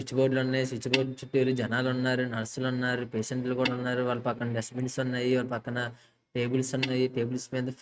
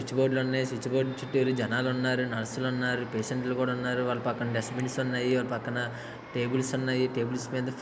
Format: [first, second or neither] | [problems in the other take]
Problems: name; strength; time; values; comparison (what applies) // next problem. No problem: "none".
second | noise reduction (neural mask model RNNoise)